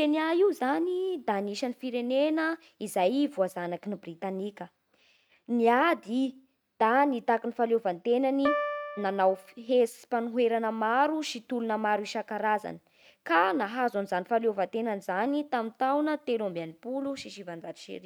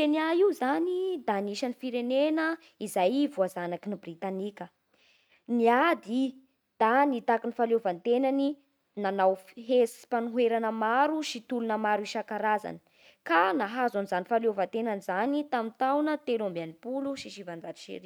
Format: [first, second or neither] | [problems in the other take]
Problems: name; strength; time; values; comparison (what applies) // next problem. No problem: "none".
second | background sound (Piano); 6 dB below the speech